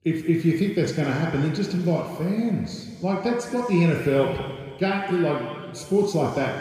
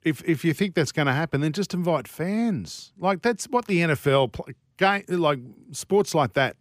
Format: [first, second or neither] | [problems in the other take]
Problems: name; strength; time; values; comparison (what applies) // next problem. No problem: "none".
second | room echo; noticeable; dies away in 1.9 s // off-mic speech; far